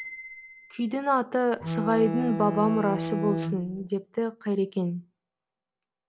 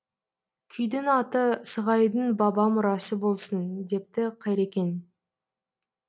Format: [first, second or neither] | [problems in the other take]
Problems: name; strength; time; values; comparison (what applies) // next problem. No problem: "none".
second | background sound (Bowed string instrument + Bicycle bell); 7 dB below the speech